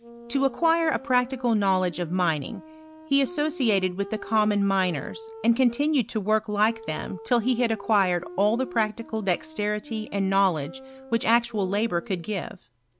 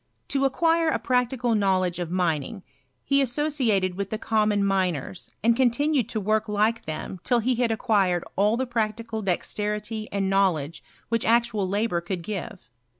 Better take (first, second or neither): second